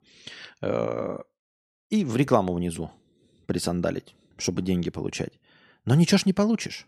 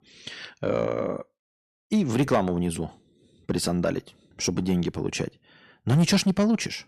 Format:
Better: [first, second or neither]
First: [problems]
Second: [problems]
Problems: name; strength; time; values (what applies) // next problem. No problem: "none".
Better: first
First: none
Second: distortion; slight; 10 dB below the speech